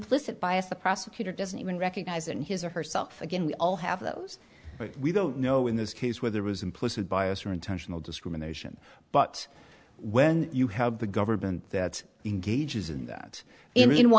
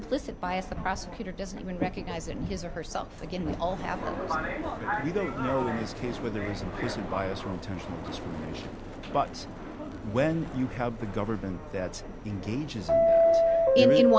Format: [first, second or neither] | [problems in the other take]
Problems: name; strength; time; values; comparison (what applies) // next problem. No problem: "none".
first | background sound (Subway, metro, underground); 2 dB above the speech